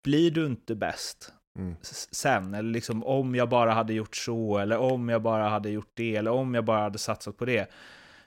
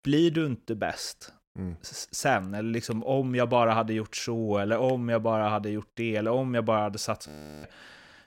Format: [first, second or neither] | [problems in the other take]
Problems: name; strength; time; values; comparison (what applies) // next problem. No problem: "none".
first | audio freezing; at 7.5 s